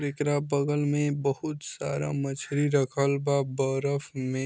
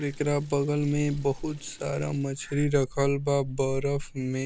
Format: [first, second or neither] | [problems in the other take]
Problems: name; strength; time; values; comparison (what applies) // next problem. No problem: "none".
first | background sound (Sink (filling or washing) / Water tap, faucet); 12 dB below the speech